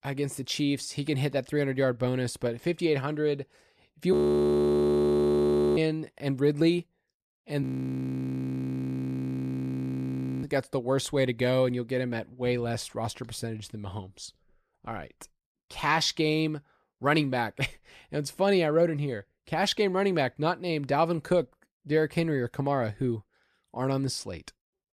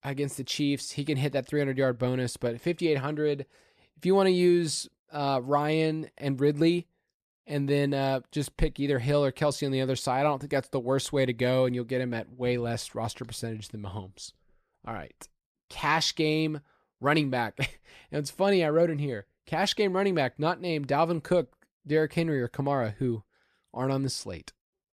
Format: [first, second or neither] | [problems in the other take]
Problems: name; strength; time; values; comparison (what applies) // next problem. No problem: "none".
second | audio freezing; at 4 s for 1.5 s and at 7.5 s for 3 s